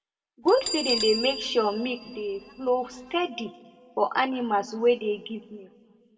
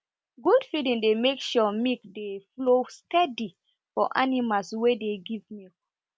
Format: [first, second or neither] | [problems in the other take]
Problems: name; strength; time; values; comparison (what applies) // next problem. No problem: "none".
second | background sound (Bell); 11 dB below the speech // room echo; dies away in 1.1 s